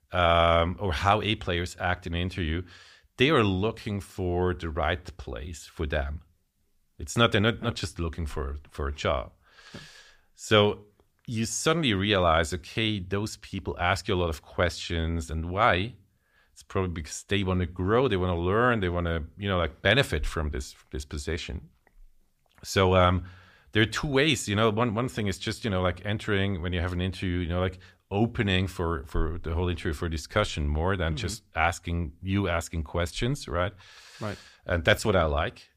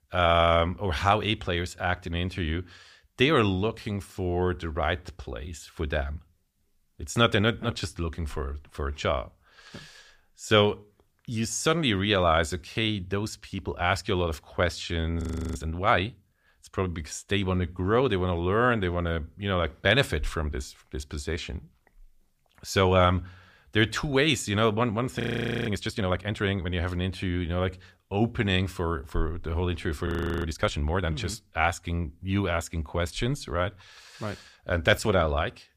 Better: first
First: none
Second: audio freezing; at 15 s, at 25 s and at 30 s

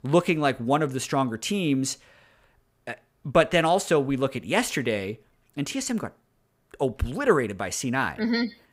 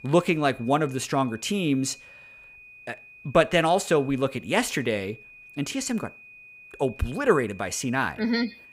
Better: first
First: none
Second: high-pitched whine; faint; throughout; 2.5 kHz, 20 dB below the speech

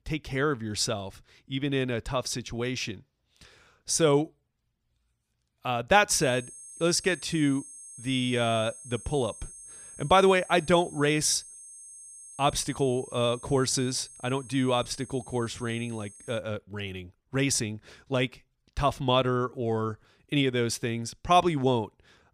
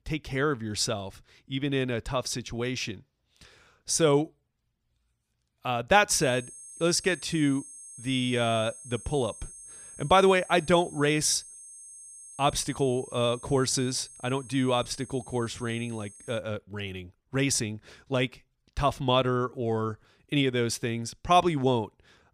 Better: neither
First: high-pitched whine; noticeable; from 6 to 16 s; 8.5 kHz, 15 dB below the speech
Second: high-pitched whine; noticeable; from 6 to 16 s; 8.5 kHz, 15 dB below the speech

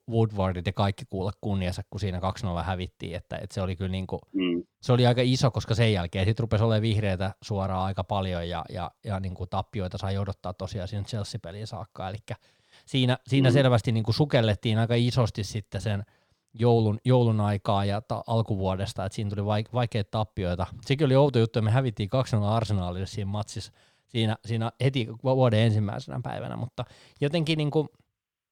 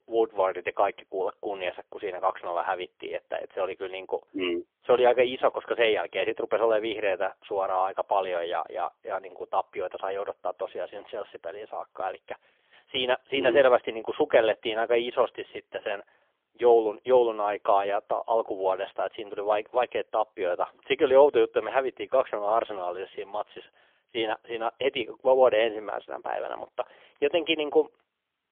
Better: first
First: none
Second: phone-call audio; poor line; nothing above 3.5 kHz

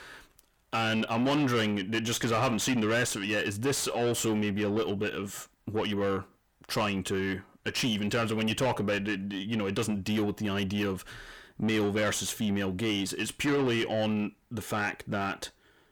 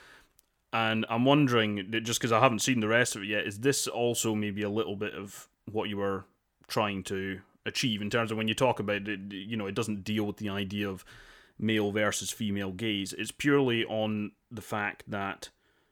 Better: second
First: distortion; heavy; 7 dB below the speech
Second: none

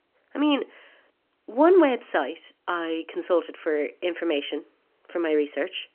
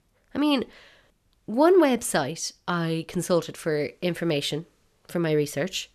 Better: second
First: phone-call audio; nothing above 3 kHz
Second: none

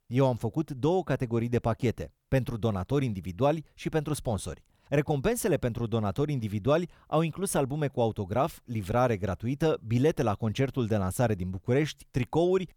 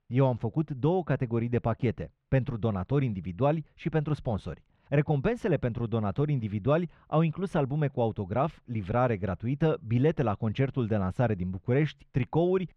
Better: first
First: none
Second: muffled; slightly; fading above 2.5 kHz

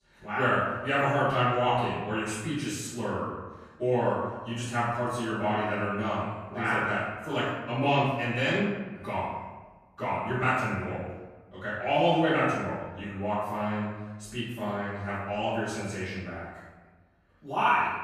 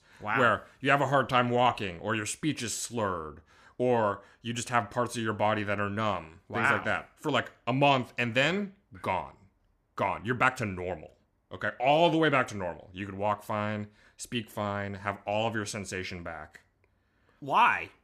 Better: second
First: room echo; strong; dies away in 1.1 s // off-mic speech; far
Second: none

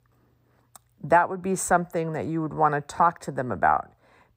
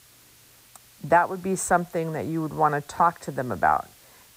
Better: first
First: none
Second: hiss; faint; throughout; 25 dB below the speech

